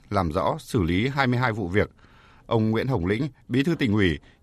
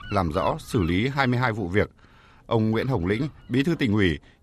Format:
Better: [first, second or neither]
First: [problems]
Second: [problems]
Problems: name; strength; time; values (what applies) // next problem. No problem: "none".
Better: first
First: none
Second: wind noise on the microphone; occasional gusts; until 1.5 s and from 2.5 to 4 s; 20 dB below the speech